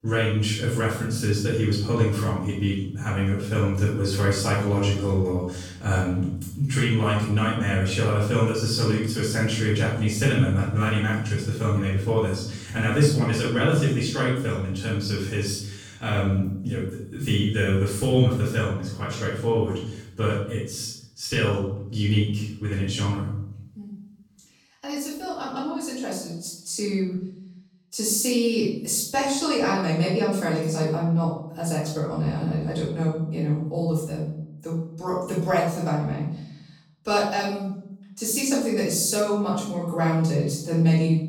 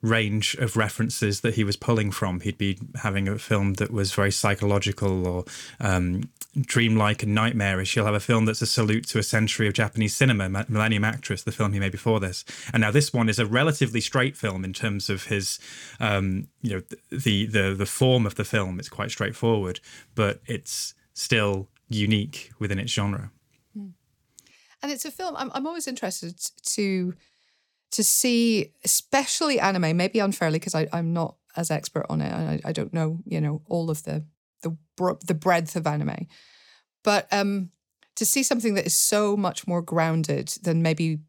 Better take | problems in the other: second | room echo; noticeable; dies away in 0.7 s // off-mic speech; far

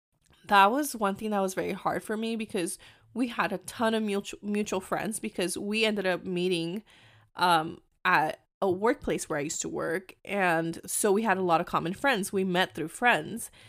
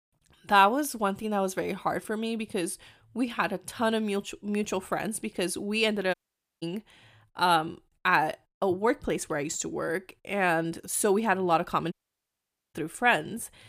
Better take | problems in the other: first | audio cutting out; at 6 s and at 12 s for 1 s

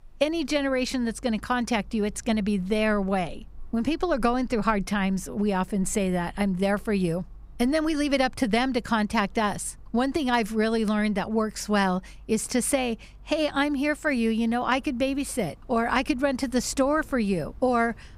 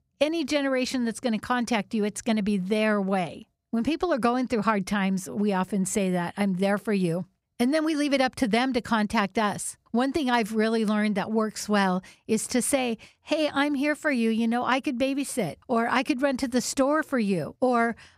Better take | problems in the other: second | machinery noise; faint; throughout; 25 dB below the speech

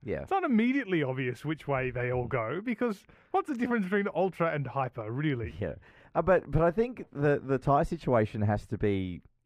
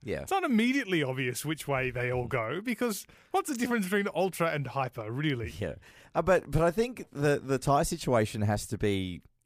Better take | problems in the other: second | muffled; very; fading above 3.5 kHz

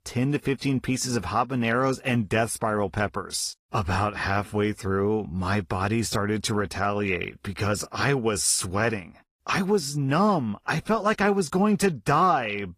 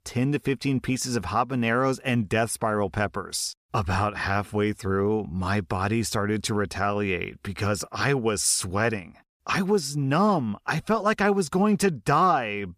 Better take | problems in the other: second | garbled, watery; slightly; nothing above 14.5 kHz

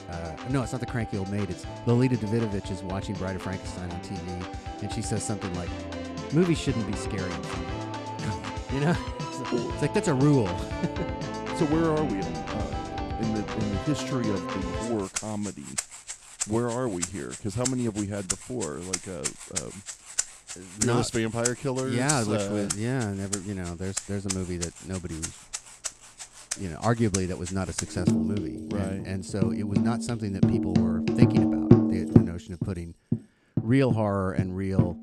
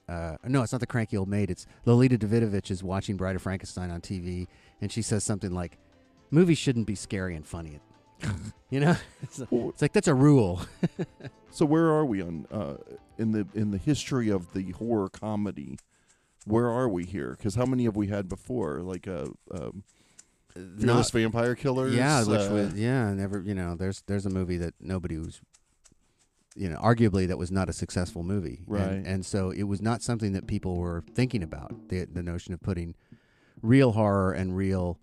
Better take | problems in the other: second | background music; loud; throughout; 1 dB below the speech; faint in the second

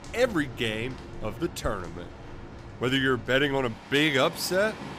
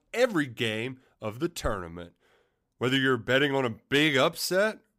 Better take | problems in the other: second | rain or running water; noticeable; throughout; 15 dB below the speech

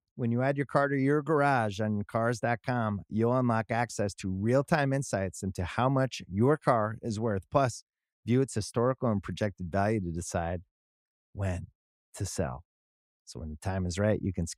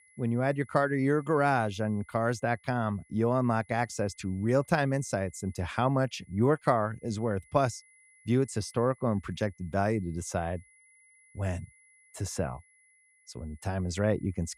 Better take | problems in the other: first | high-pitched whine; faint; throughout; 2 kHz, 30 dB below the speech

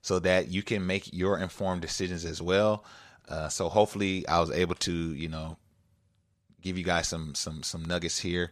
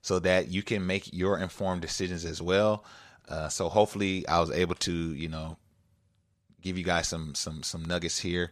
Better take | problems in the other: neither | none

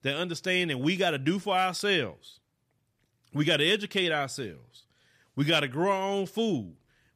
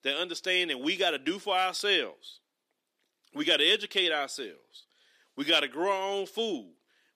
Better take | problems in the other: first | thin; somewhat; fading below 300 Hz

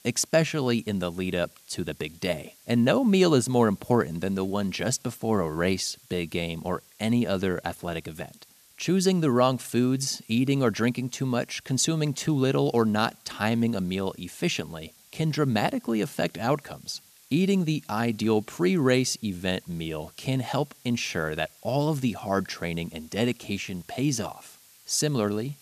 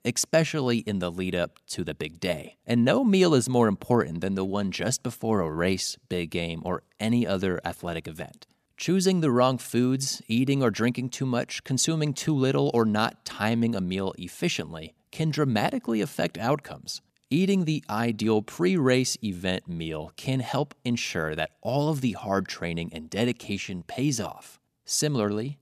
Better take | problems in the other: second | hiss; faint; throughout; 25 dB below the speech

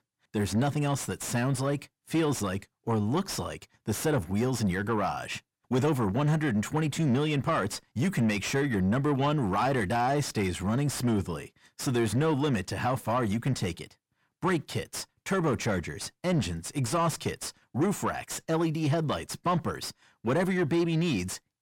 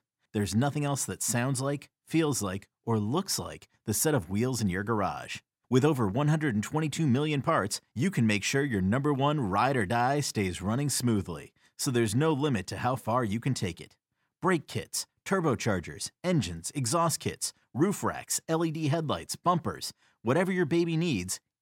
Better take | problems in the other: second | distortion; slight; 10 dB below the speech

